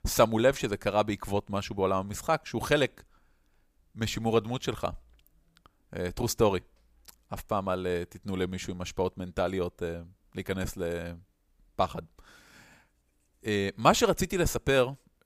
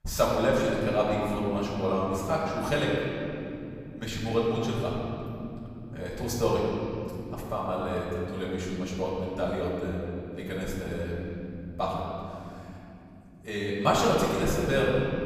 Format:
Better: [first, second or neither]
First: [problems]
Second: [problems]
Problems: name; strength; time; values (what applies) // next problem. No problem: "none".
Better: first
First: none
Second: off-mic speech; far // room echo; noticeable; dies away in 3 s